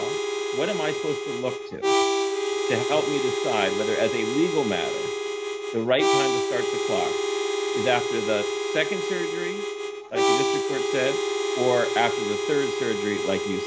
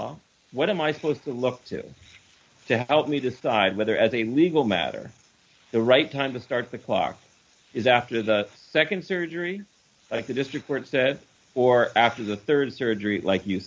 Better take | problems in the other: second | background sound (Harmonica); 2 dB above the speech

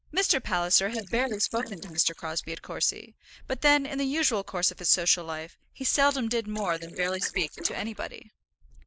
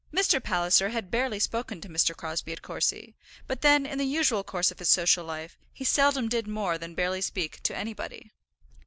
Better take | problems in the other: second | noise reduction (neural mask model Resemble Enhance denoiser)

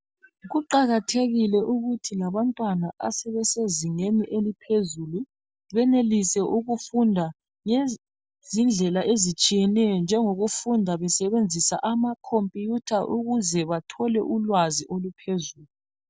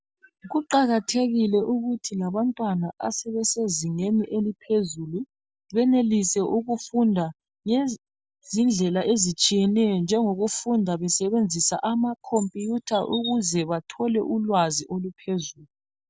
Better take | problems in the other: first | background sound (Chirp, tweet); 15 dB below the speech

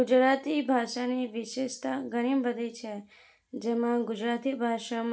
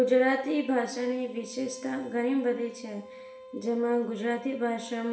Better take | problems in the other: first | background sound (Bowed string instrument); 19 dB below the speech // room echo; dies away in 1 s

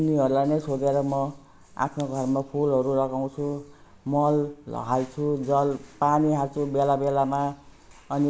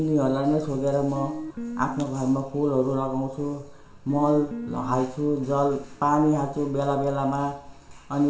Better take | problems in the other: first | background sound (Guitar); 9 dB below the speech // room echo; dies away in 1.6 s

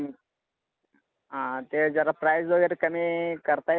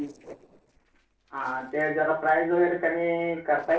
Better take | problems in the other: first | noise reduction (neural separator model SepFormer DNS4)

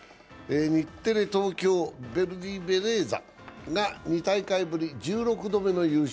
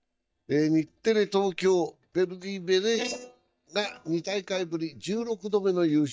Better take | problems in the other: first | noise reduction (neural mask model DeepFilterNet 3)

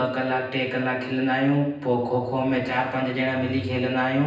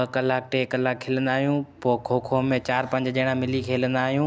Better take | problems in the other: second | room echo; dies away in 0.9 s

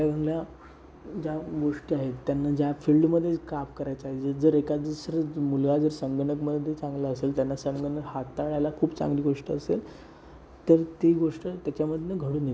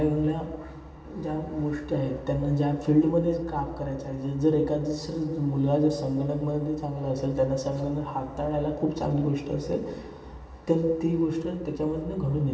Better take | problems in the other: first | room echo; dies away in 2.6 s

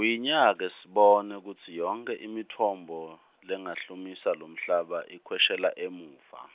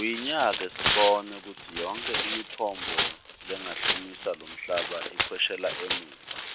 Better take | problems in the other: first | background sound (Tearing); 1 dB below the speech

